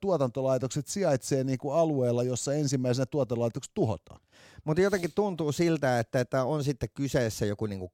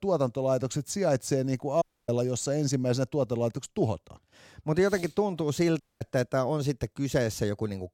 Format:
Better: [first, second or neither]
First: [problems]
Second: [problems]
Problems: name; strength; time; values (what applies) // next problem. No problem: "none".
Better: first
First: none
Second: audio cutting out; at 2 s and at 6 s